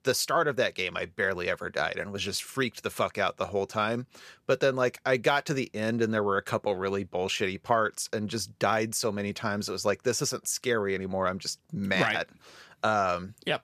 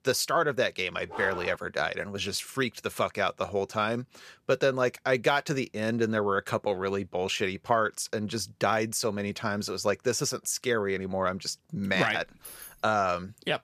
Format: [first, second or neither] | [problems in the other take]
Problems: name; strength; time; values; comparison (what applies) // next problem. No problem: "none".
first | dog barking; noticeable; at 1 s; peak 8 dB below the speech // jangling keys; faint; at 12 s; peak 15 dB below the speech